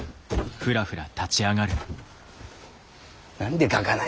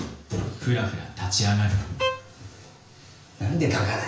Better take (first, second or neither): first